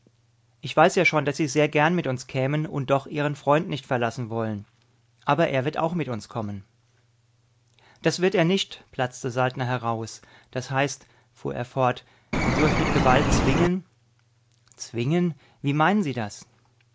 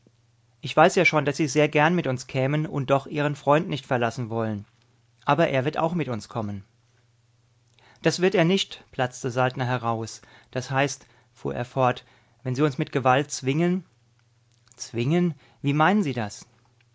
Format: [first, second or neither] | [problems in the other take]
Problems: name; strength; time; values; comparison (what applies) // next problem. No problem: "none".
second | background sound (Bird); 3 dB above the speech